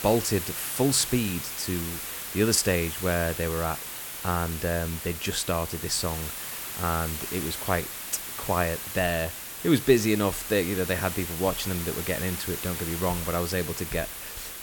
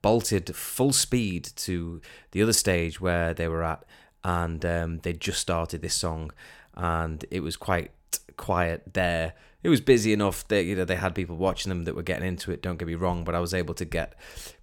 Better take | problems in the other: second | hiss; loud; throughout; 5 dB below the speech

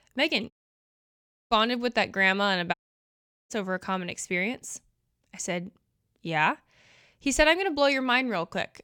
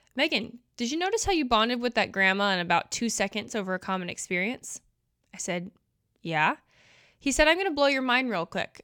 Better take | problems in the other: second | audio cutting out; at 0.5 s for 1 s and at 2.5 s for 1 s

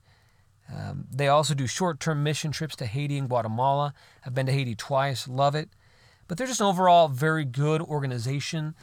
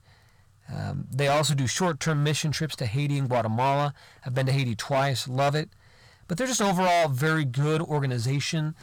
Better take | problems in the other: first | distortion; heavy; 11% of the sound clipped

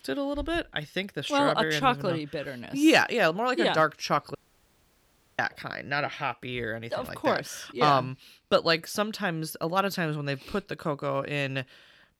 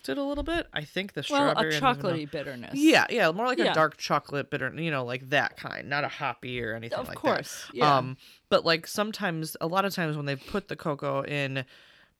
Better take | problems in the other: second | audio cutting out; at 4.5 s for 1 s

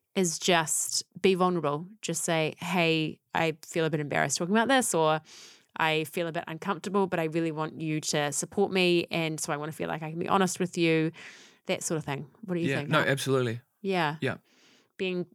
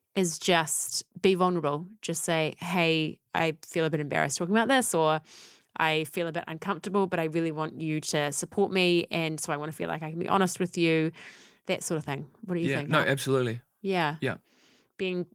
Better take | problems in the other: first | garbled, watery; slightly

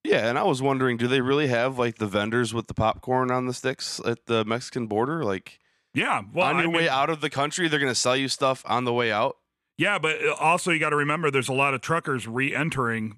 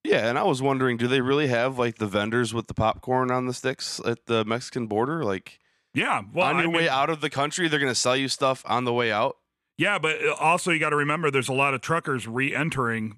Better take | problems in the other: neither | none

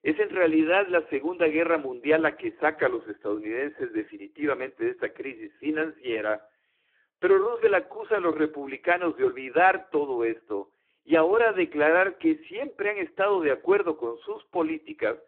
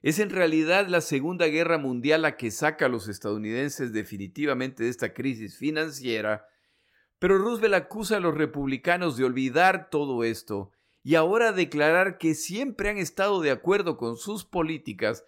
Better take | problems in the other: second | phone-call audio; poor line

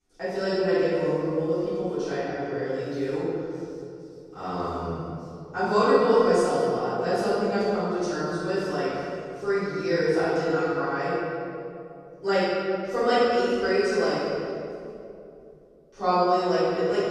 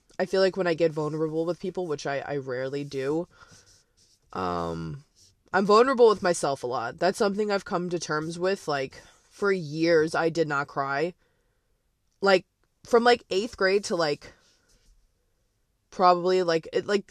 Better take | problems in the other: second | off-mic speech; far // room echo; strong; dies away in 2.5 s

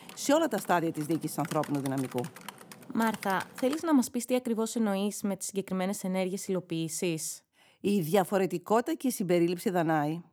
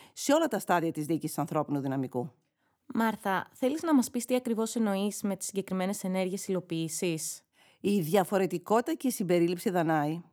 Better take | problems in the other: second | keyboard typing; faint; until 4 s; peak 10 dB below the speech

